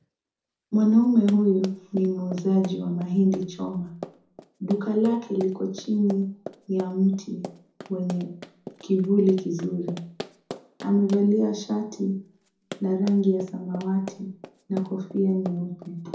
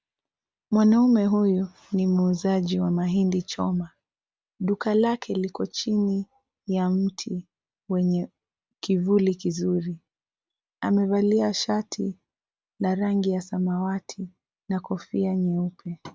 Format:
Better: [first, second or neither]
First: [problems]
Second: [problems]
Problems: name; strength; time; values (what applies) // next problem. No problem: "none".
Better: second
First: background sound (Run); 17 dB below the speech // room echo; dies away in 0.5 s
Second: none